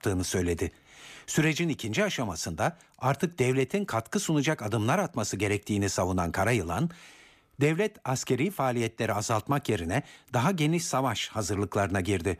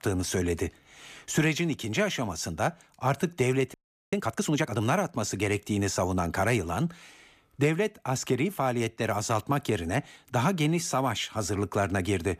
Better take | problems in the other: first | audio freezing; at 3.5 s

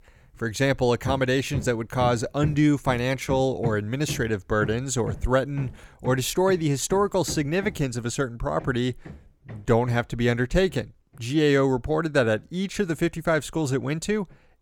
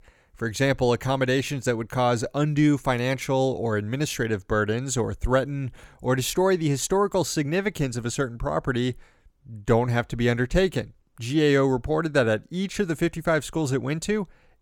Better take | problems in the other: second | machinery noise; noticeable; throughout; 15 dB below the speech

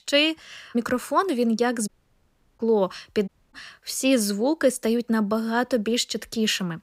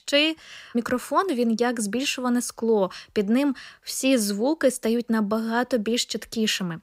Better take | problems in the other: second | audio cutting out; at 2 s for 0.5 s and at 3.5 s

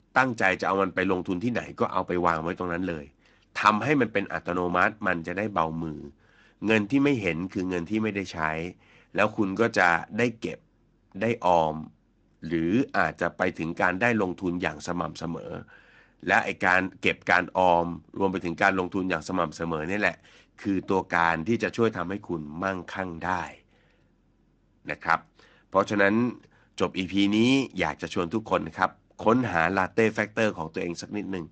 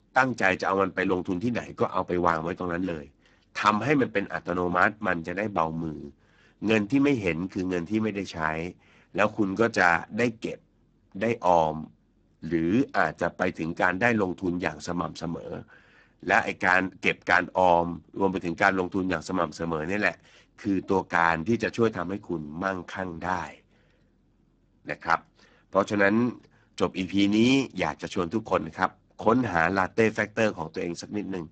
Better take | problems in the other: first | garbled, watery; badly; nothing above 7.5 kHz; slightly in the first

